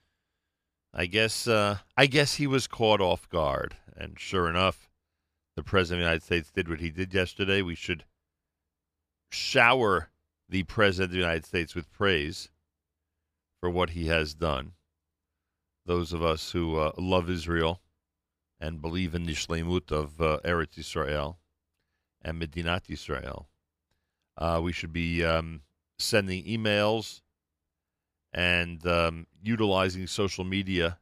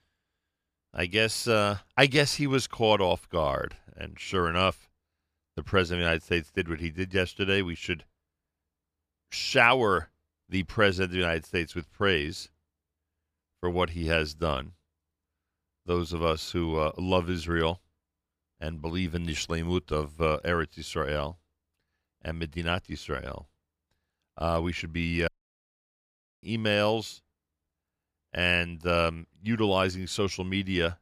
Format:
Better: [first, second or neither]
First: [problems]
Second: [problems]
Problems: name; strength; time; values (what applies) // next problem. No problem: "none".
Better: first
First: none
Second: audio cutting out; at 25 s for 1 s